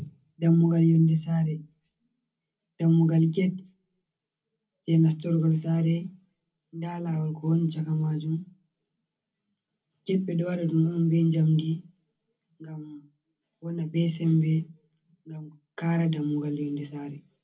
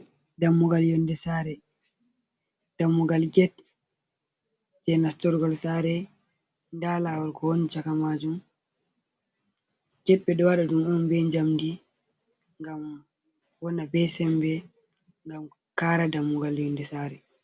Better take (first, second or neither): second